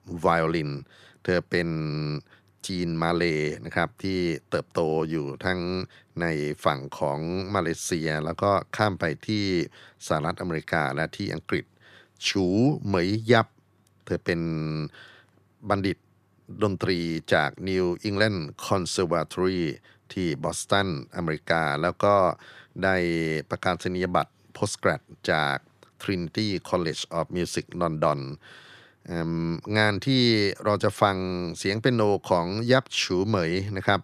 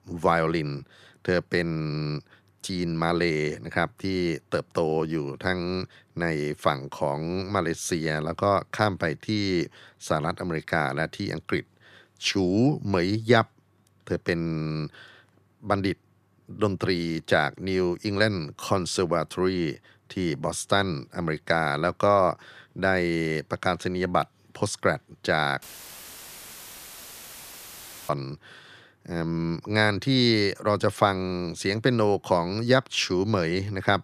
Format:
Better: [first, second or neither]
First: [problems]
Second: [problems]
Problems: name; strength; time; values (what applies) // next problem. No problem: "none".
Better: first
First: none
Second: audio cutting out; filled with static; at 26 s for 2.5 s